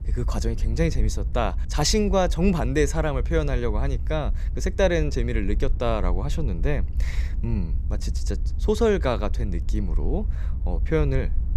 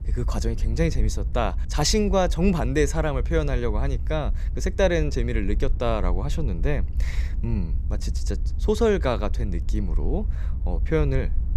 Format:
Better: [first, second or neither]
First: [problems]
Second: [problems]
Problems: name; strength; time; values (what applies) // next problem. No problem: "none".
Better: neither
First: low rumble; faint; throughout; 20 dB below the speech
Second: low rumble; faint; throughout; 20 dB below the speech